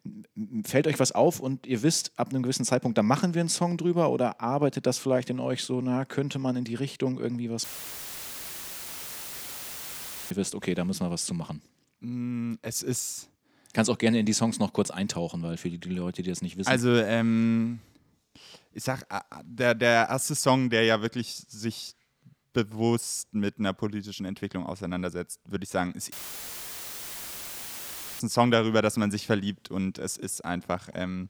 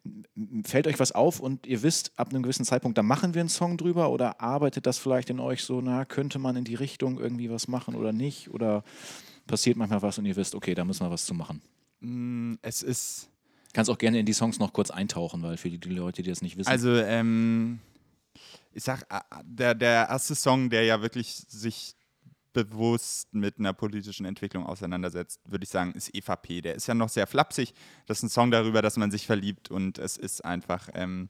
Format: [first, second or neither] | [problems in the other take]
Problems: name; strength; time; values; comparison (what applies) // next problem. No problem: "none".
second | audio cutting out; filled with static; at 7.5 s for 2.5 s and at 26 s for 2 s